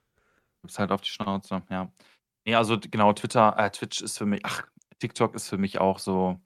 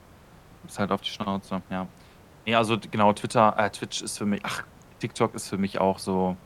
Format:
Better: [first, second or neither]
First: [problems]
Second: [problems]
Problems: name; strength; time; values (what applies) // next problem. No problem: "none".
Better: first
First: none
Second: hiss; faint; throughout; 25 dB below the speech